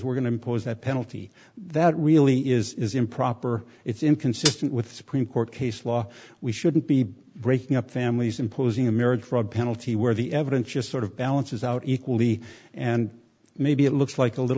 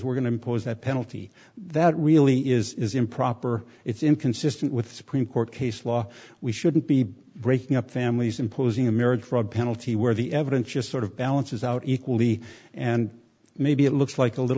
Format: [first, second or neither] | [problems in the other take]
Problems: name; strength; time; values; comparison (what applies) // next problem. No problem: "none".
second | background sound (Hi-hat); 7 dB below the speech